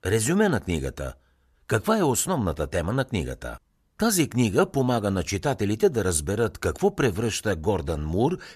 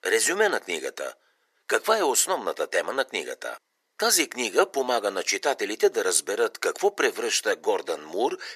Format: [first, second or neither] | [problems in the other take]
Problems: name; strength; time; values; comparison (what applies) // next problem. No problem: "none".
first | thin; very; fading below 400 Hz